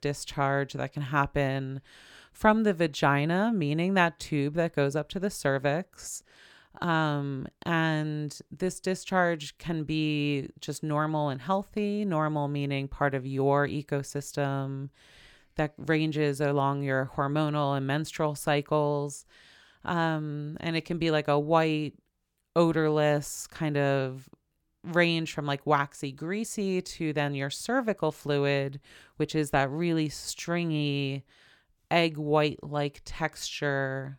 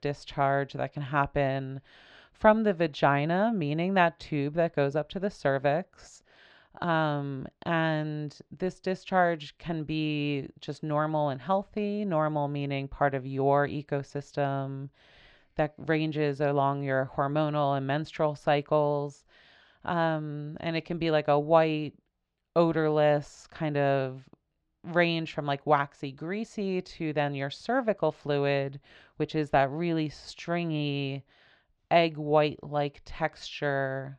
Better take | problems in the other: first | muffled; slightly; fading above 4.5 kHz

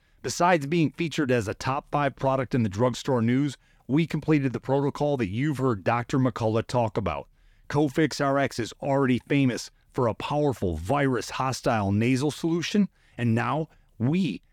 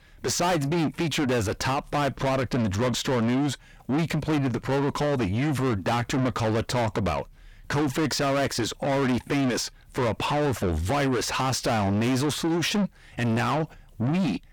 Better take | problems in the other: first | distortion; heavy; 6 dB below the speech

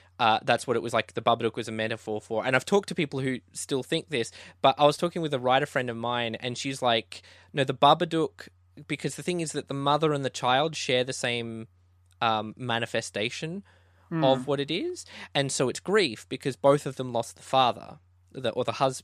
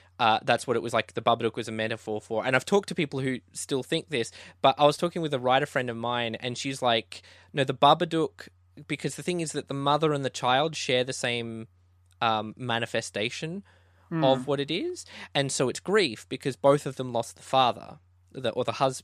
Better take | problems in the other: neither | none

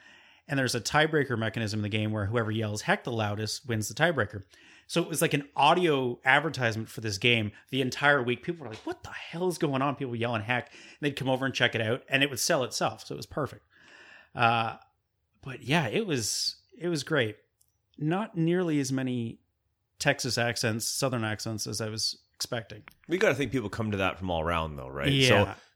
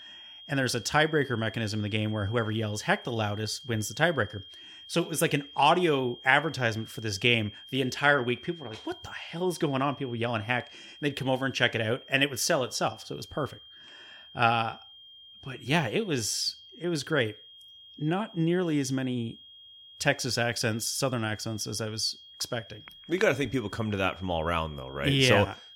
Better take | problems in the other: first | high-pitched whine; noticeable; throughout; 3 kHz, 20 dB below the speech

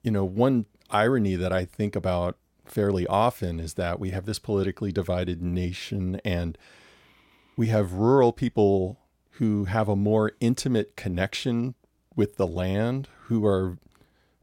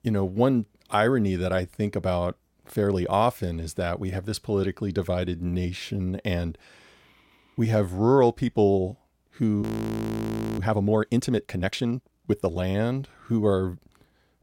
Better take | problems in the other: first | audio freezing; at 9.5 s for 1 s

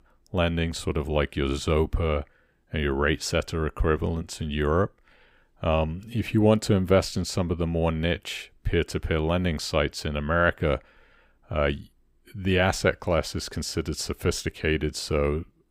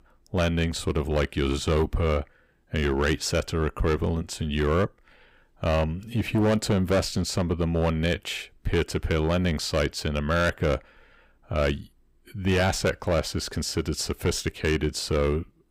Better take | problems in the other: first | distortion; slight; 7% of the sound clipped

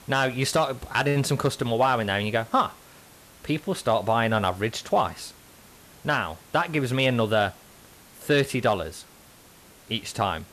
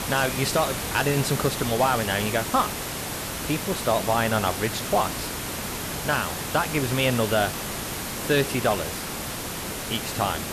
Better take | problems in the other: first | hiss; loud; throughout; 4 dB below the speech; faint in the first

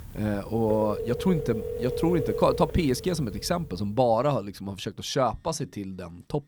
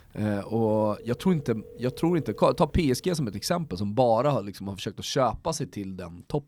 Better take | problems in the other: second | alarms or sirens; loud; throughout; 7 dB below the speech; faint in the second

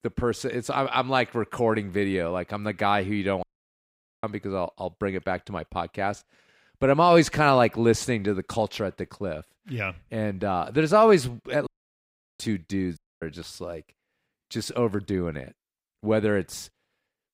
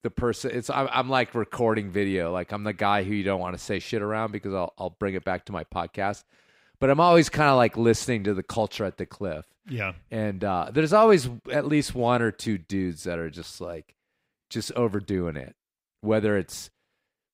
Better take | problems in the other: second | audio cutting out; at 3.5 s for 1 s, at 12 s for 0.5 s and at 13 s

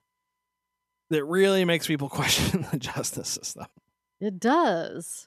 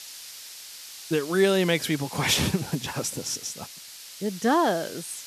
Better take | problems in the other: first | hiss; noticeable; throughout; 15 dB below the speech

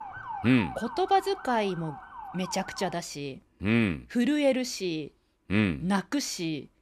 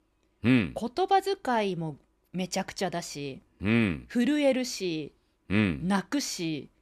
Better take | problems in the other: second | siren; noticeable; until 3 s; peak 9 dB below the speech

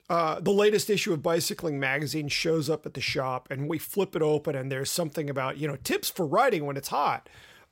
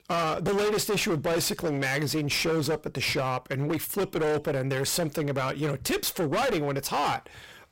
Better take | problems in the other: first | distortion; heavy; 28% of the sound clipped

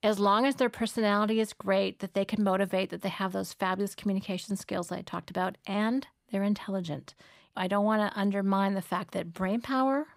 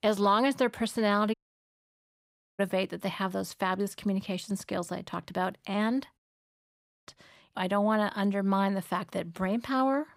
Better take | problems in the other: first | audio cutting out; at 1.5 s for 1 s and at 6 s for 1 s

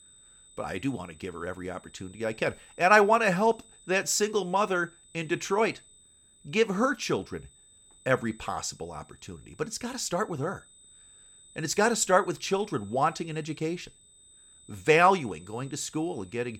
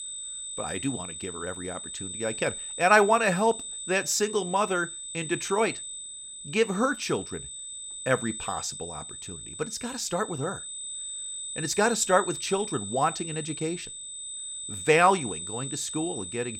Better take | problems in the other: first | high-pitched whine; loud; throughout; 8 kHz, 8 dB below the speech; faint in the first

